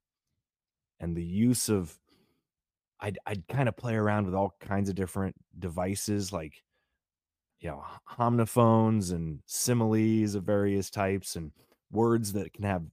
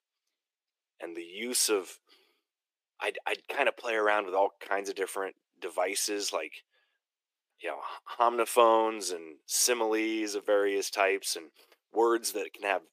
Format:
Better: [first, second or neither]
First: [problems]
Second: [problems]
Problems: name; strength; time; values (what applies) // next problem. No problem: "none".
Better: first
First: none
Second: thin; very; fading below 350 Hz